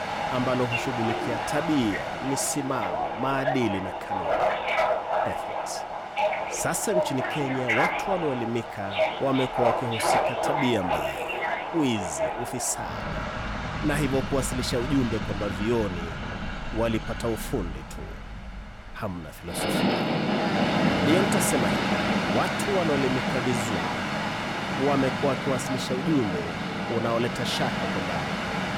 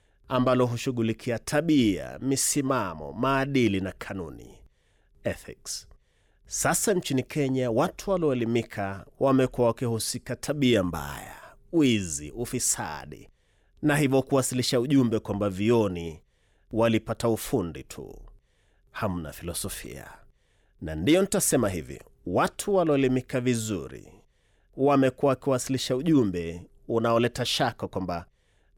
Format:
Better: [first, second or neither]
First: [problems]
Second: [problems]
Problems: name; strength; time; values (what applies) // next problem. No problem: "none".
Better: second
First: train or aircraft noise; very loud; throughout; 1 dB above the speech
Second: none